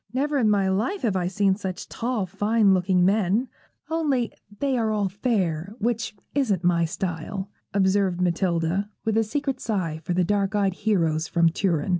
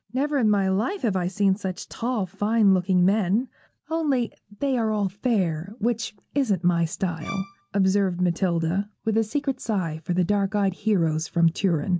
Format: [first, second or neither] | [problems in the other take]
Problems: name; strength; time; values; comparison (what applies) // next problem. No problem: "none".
first | background sound (Bowed string instrument); 17 dB below the speech